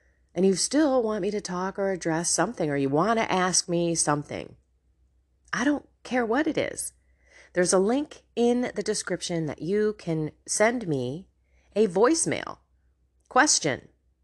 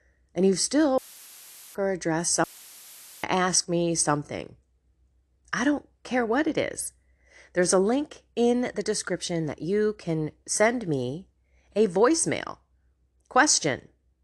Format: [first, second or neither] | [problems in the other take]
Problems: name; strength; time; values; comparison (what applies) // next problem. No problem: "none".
first | audio cutting out; filled with static; at 1 s for 1 s and at 2.5 s for 1 s